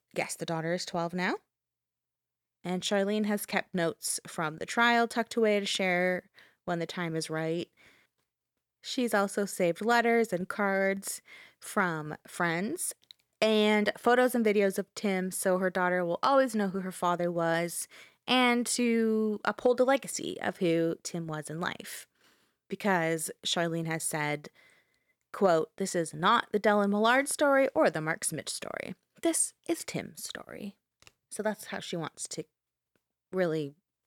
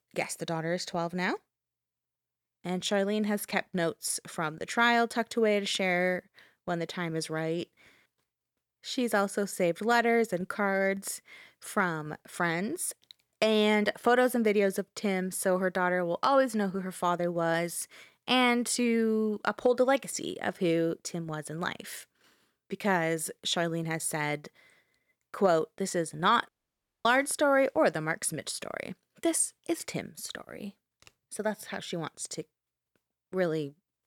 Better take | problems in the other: first | audio cutting out; at 26 s for 0.5 s

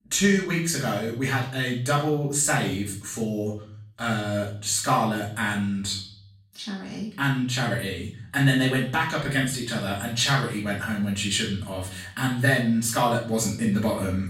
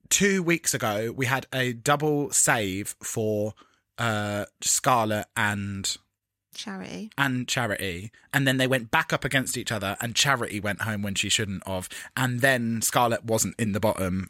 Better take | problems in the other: second | off-mic speech; far // room echo; noticeable; dies away in 0.6 s

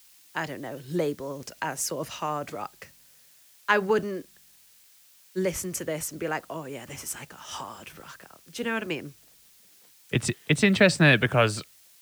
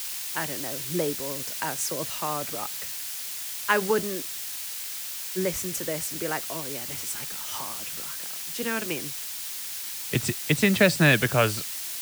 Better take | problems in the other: first | hiss; loud; throughout; 4 dB below the speech; faint in the first

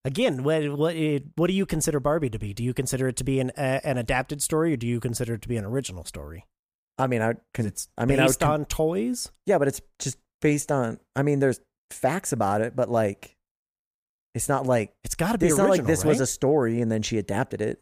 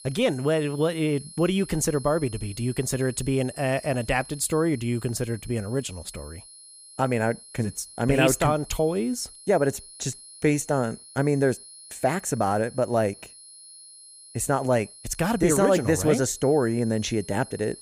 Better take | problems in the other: first | high-pitched whine; noticeable; throughout; 10.5 kHz, 20 dB below the speech

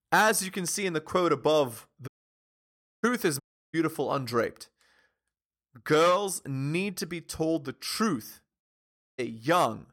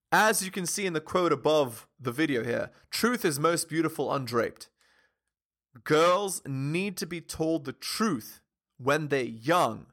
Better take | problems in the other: second | audio cutting out; at 2 s for 1 s, at 3.5 s and at 8.5 s for 0.5 s

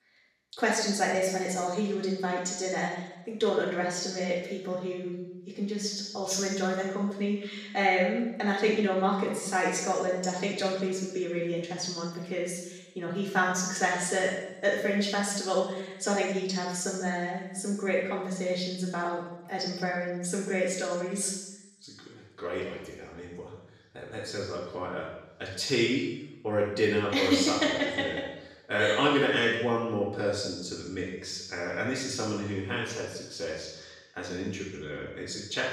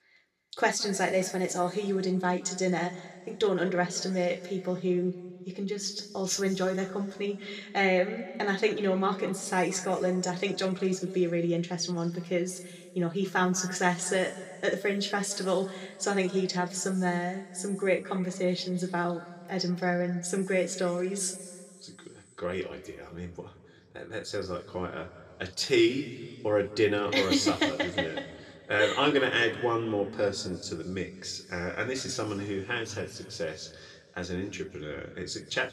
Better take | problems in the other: second | room echo; strong; dies away in 0.9 s; slight in the second // off-mic speech; far

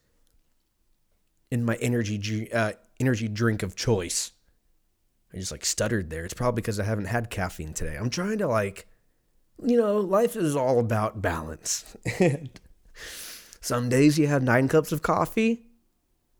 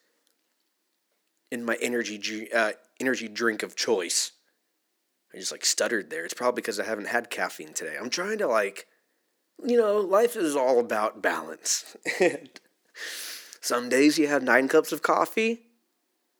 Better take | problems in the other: first | thin; somewhat; fading below 300 Hz

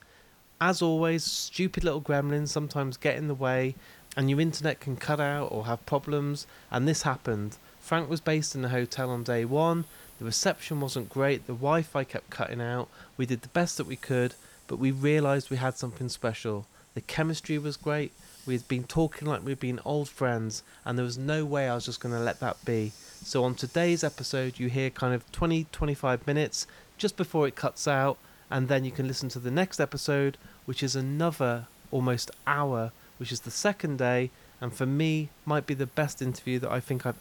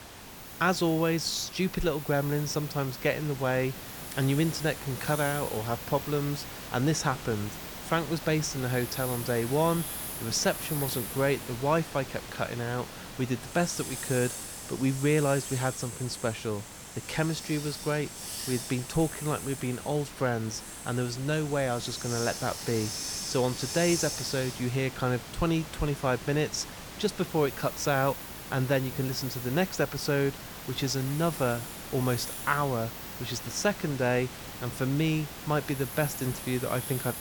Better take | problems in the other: first | hiss; loud; throughout; 8 dB below the speech; faint in the first

